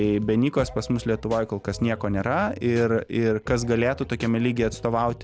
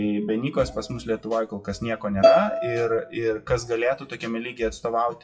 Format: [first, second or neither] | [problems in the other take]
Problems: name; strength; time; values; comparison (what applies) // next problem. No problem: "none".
first | noise reduction (classical method WPE with log-MMSE)